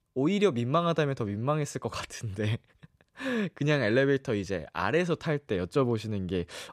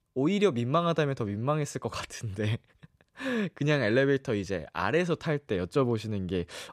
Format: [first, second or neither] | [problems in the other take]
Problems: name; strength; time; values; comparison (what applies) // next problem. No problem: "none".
neither | none